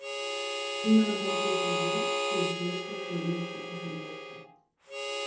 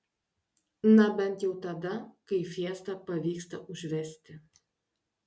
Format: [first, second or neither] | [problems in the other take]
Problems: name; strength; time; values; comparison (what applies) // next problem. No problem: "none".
second | background sound (Harmonica); as loud as the speech // room echo; dies away in 0.8 s